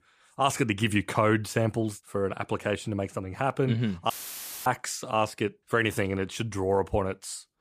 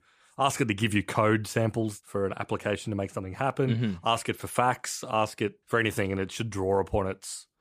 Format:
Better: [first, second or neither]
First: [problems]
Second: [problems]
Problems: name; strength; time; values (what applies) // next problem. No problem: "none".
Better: second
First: audio cutting out; filled with static; at 4 s for 0.5 s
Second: none